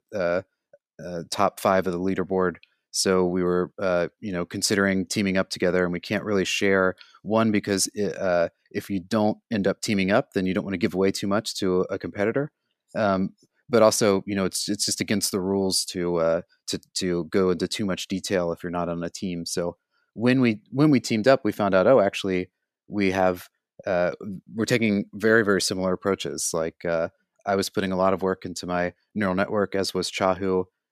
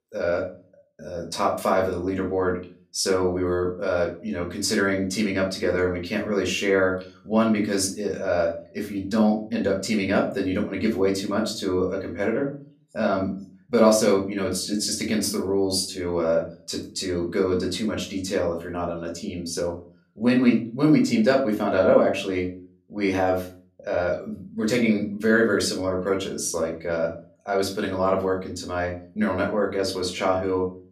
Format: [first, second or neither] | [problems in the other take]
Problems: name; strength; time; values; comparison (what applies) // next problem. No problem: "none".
first | room echo; slight; dies away in 0.3 s // off-mic speech; far